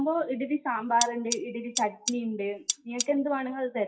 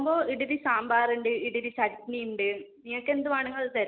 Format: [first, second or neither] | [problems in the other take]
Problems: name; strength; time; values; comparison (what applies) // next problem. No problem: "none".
second | noise reduction (classical method WPE with log-MMSE)